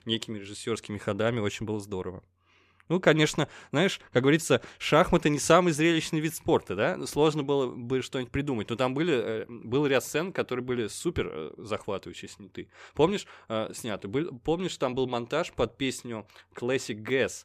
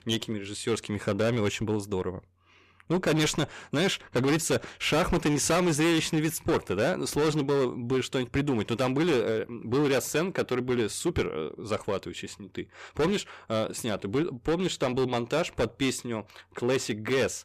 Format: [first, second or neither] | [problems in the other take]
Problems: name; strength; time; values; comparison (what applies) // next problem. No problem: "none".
first | distortion; heavy; 11% of the sound clipped